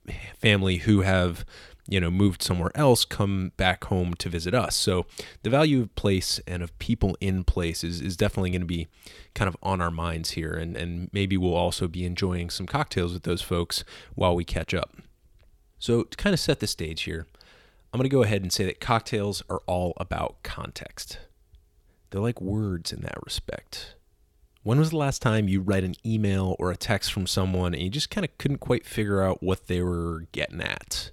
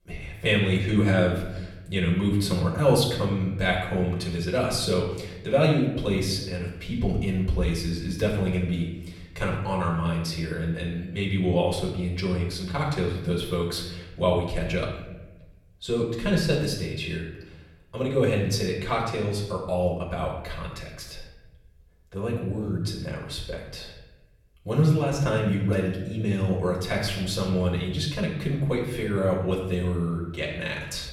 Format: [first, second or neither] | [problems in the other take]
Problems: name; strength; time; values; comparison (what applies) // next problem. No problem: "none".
first | off-mic speech; far // room echo; noticeable; dies away in 0.9 s